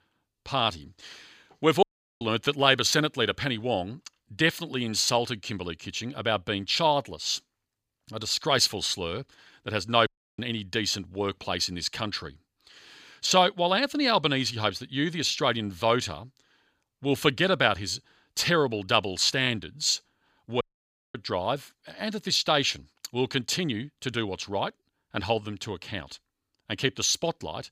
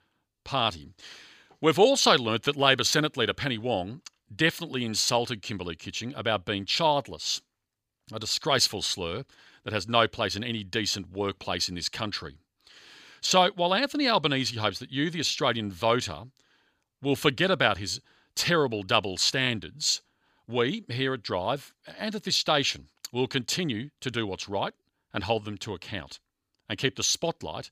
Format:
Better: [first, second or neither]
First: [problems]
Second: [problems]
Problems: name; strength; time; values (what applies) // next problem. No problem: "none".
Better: second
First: audio cutting out; at 2 s, at 10 s and at 21 s for 0.5 s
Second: none